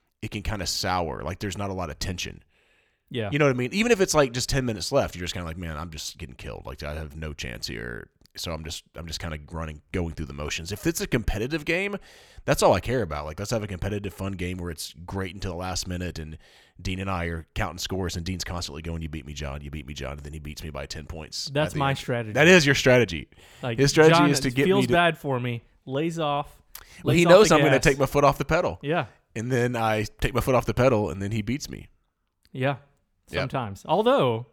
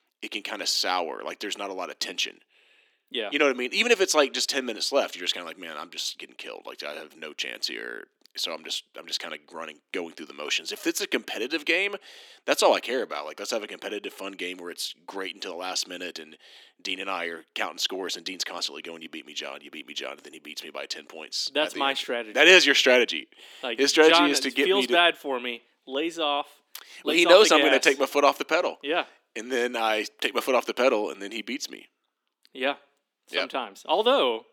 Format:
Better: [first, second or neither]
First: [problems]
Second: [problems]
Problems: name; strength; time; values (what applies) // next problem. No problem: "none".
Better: first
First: none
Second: thin; somewhat; fading below 250 Hz